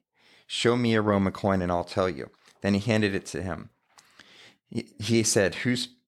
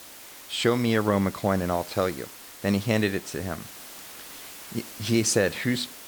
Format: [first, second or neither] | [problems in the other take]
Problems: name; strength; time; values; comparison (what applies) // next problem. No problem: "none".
first | hiss; noticeable; throughout; 15 dB below the speech